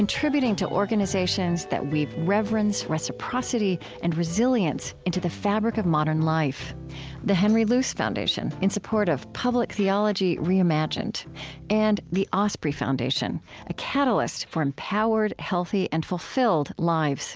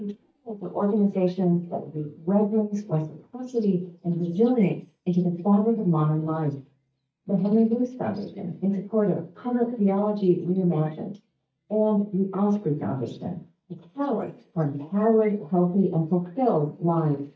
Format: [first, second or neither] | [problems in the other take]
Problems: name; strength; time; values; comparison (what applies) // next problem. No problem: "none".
first | noise reduction (neural mask model DeepFilterNet 3)